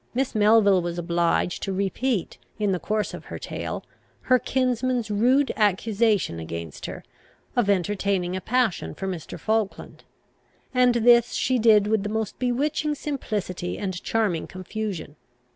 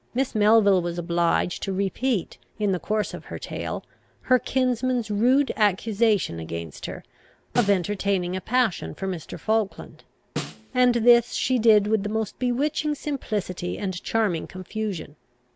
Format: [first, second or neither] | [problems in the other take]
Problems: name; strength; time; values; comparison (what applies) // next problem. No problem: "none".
first | background sound (Snare drum); 12 dB below the speech